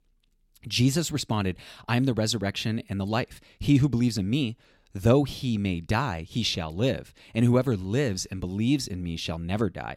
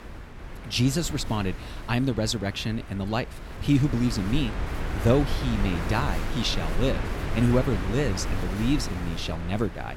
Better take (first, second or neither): first